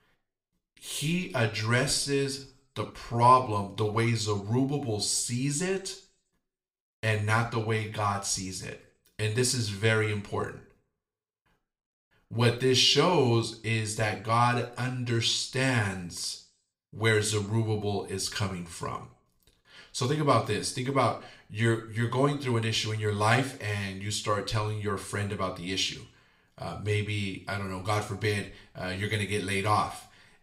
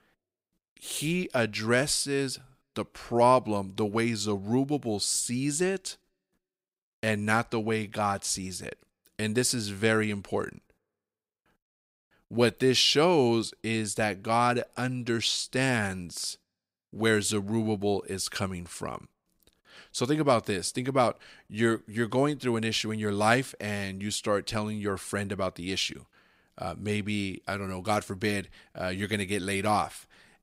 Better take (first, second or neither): second